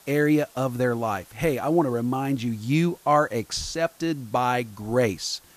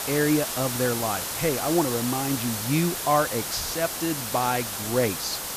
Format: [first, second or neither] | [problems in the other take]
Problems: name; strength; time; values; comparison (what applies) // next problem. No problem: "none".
first | hiss; loud; throughout; 2 dB below the speech; faint in the first